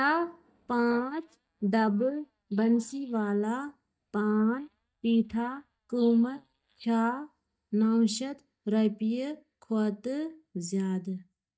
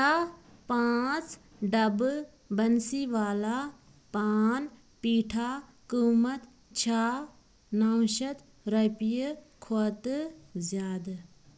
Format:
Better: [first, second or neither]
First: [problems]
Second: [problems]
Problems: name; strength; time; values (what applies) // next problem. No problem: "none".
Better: second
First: noise reduction (neural mask model DeepFilterNet 3)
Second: none